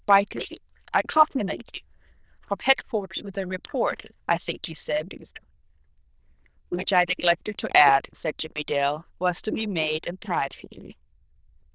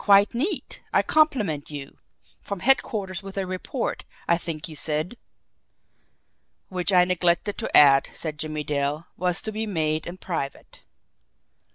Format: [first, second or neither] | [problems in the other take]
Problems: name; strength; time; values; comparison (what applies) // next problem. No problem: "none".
second | noise reduction (neural diffusion model UNIVERSE++)